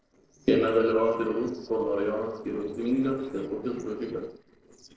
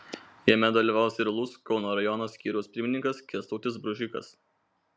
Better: second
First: noise reduction (neural separator model SepFormer DNS4)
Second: none

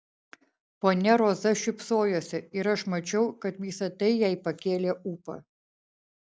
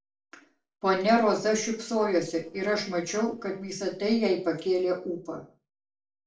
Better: first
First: none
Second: noise reduction (neural separator model SepFormer DNS4)

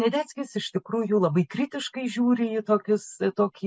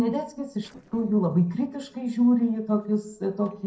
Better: first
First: none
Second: noise reduction (neural separator model SepFormer DNS4)

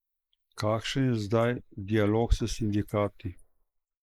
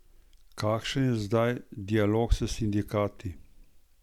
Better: second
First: noise reduction (neural mask model Resemble Enhance denoiser)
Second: none

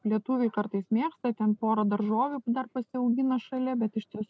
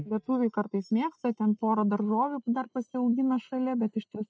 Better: first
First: none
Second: noise reduction (neural mask model DeepFilterNet 3)

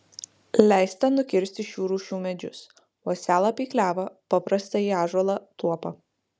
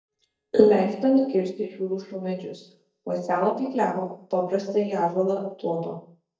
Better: first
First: none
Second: noise reduction (neural mask model DeepFilterNet 3)

